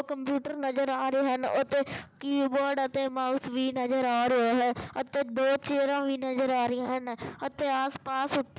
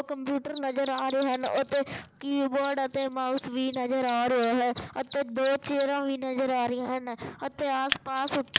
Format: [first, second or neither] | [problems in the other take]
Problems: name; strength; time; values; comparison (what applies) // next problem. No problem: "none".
first | background sound (Mechanisms); 13 dB below the speech